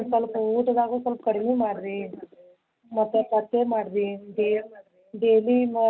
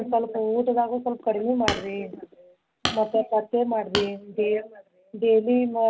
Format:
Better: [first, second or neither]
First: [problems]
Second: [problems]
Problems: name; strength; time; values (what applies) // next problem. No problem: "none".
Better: first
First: none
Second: background sound (Hammer); 9 dB below the speech